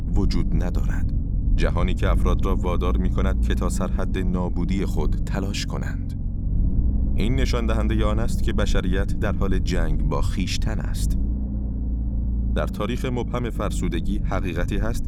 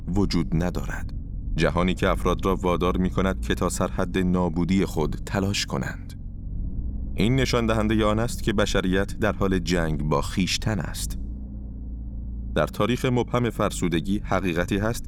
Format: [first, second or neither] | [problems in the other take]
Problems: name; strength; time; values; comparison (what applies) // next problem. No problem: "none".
second | low rumble; loud; throughout; 9 dB below the speech; faint in the second